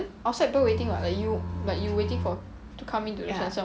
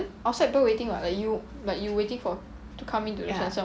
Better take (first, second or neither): second